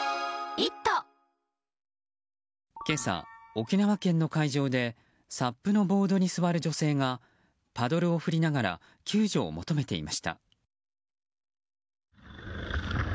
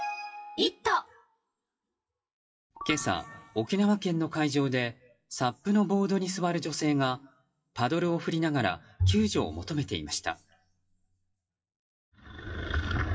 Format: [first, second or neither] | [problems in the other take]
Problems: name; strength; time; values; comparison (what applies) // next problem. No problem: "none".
first | noise reduction (classical method WPE with log-MMSE)